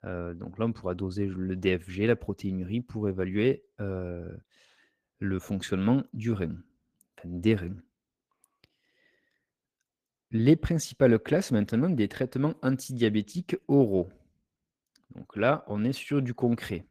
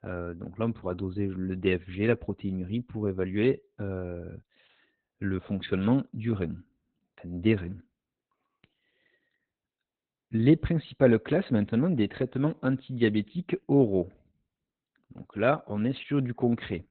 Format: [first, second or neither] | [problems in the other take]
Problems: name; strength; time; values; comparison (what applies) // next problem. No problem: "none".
first | garbled, watery; badly; nothing above 4 kHz; slightly in the first